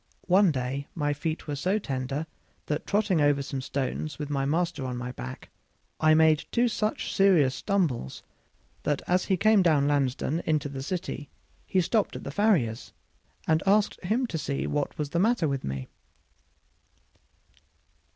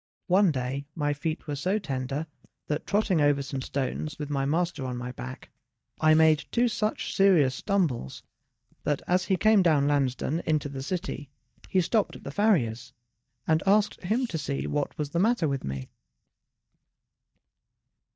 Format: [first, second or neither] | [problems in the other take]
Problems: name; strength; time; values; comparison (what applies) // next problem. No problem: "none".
first | noise reduction (neural mask model DeepFilterNet 3)